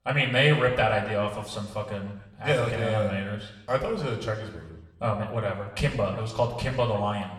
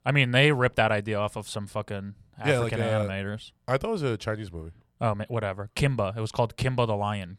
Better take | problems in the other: second | room echo; noticeable; dies away in 1 s // off-mic speech; somewhat distant

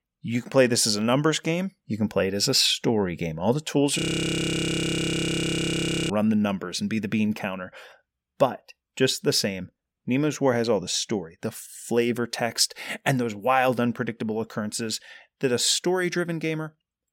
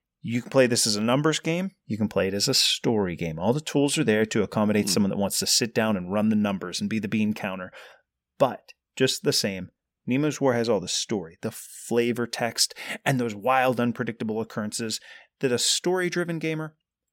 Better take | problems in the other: second | audio freezing; at 4 s for 2 s

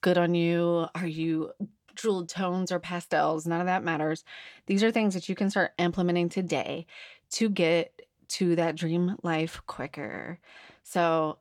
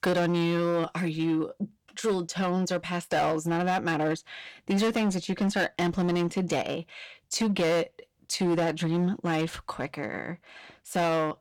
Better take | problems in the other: first | distortion; slight; 12% of the sound clipped

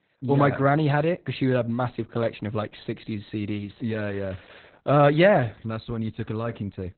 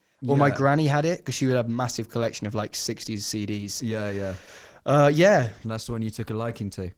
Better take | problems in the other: second | garbled, watery; badly; nothing above 4 kHz; slightly in the second

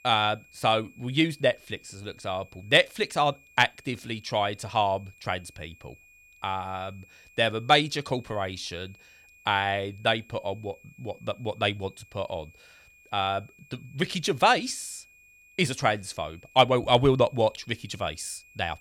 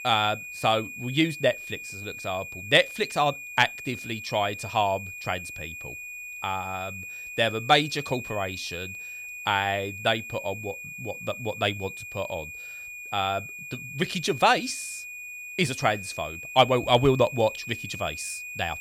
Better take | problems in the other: first | high-pitched whine; loud; throughout; 2.5 kHz, 10 dB below the speech; faint in the first

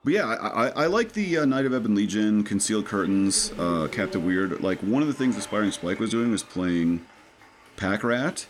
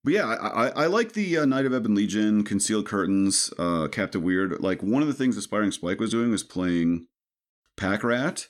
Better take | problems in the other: second | crowd noise; noticeable; throughout; 20 dB below the speech

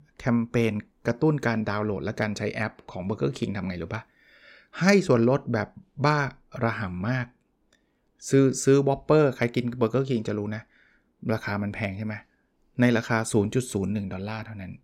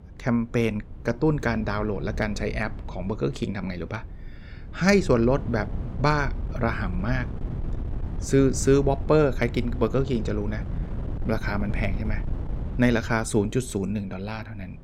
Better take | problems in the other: first | wind noise on the microphone; occasional gusts; 20 dB below the speech

